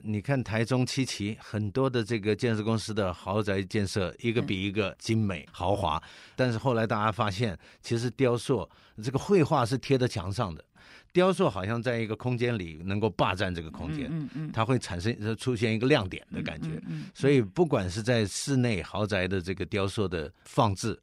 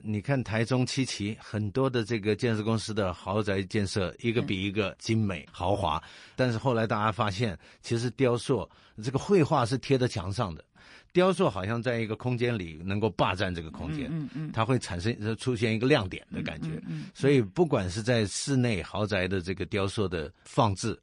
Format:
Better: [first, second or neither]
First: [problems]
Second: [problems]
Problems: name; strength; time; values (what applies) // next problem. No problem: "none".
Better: first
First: none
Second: garbled, watery; slightly; nothing above 10.5 kHz